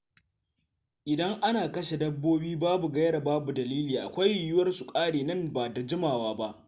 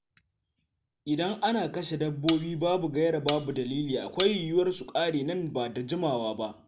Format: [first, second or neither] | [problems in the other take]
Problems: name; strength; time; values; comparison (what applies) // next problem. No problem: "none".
first | background sound (Cutlery, silverware); 11 dB below the speech